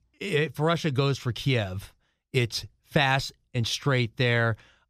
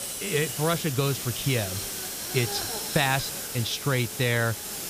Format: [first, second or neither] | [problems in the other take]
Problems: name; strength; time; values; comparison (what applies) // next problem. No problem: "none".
first | hiss; loud; throughout; 4 dB below the speech